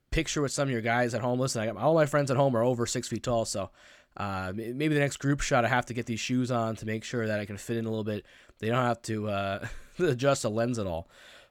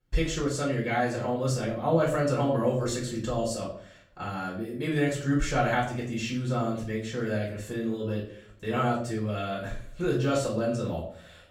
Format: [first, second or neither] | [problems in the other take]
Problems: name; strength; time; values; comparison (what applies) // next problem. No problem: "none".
first | off-mic speech; far // room echo; slight; dies away in 0.5 s